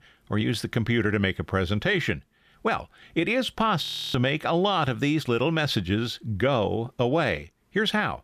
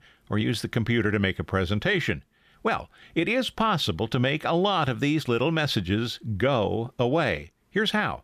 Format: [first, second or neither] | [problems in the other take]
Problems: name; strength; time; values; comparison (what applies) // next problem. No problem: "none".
second | audio freezing; at 4 s